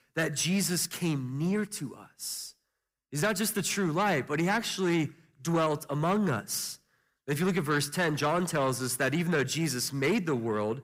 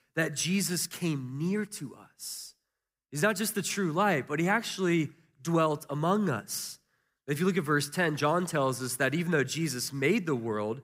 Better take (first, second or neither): second